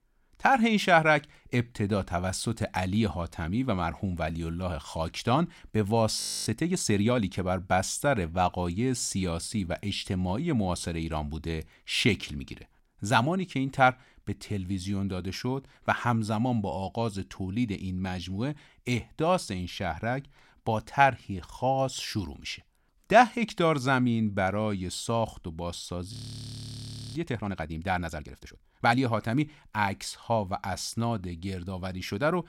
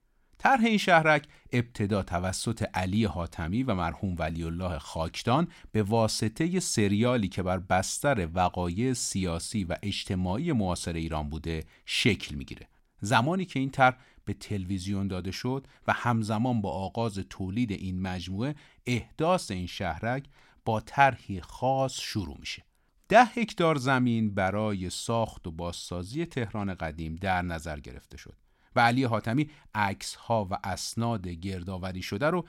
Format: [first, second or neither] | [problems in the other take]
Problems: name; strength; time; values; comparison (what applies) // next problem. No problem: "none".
second | audio freezing; at 6 s and at 26 s for 1 s